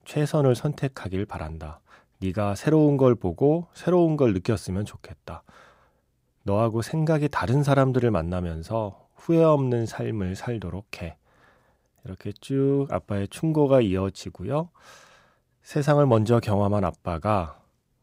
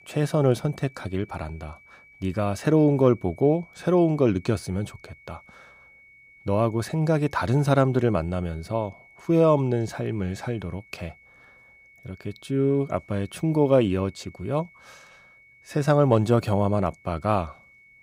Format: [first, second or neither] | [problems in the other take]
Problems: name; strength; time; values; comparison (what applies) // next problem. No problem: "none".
first | high-pitched whine; faint; throughout; 2 kHz, 25 dB below the speech